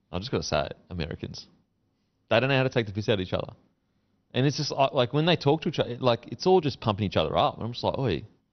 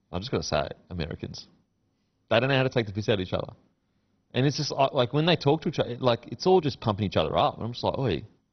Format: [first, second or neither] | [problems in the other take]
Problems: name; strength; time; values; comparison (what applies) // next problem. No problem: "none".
first | garbled, watery; badly; nothing above 6 kHz; slightly in the first